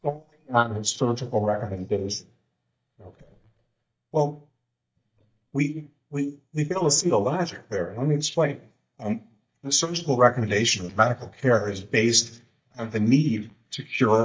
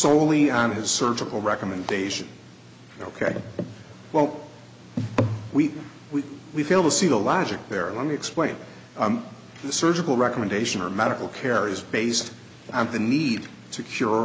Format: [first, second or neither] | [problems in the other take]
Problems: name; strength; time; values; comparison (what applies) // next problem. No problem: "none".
second | noise reduction (neural mask model DeepFilterNet 3)